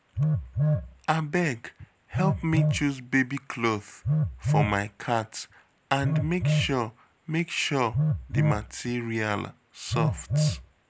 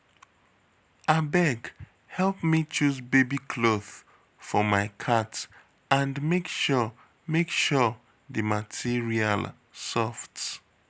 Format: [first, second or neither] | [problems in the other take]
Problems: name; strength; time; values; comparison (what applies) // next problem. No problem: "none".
second | background sound (Telephone); as loud as the speech